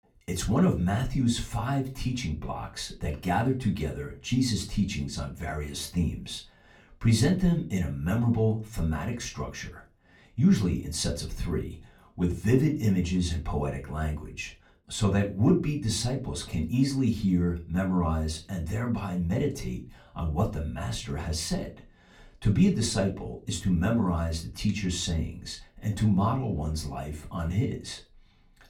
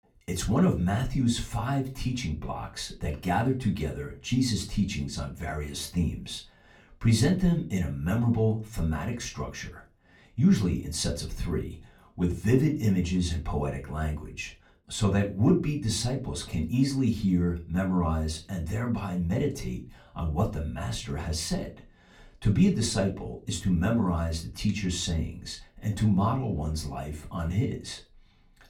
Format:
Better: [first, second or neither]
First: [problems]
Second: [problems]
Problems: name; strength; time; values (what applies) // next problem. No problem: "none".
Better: neither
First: off-mic speech; far // room echo; very slight; dies away in 0.3 s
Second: off-mic speech; far // room echo; very slight; dies away in 0.3 s